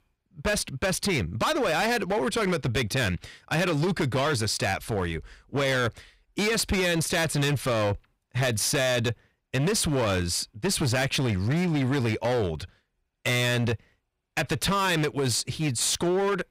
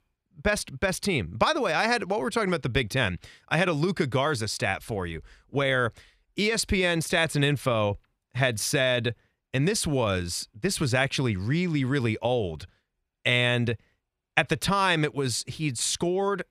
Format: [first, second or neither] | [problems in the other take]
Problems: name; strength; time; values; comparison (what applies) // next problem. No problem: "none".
second | distortion; heavy; 19% of the sound clipped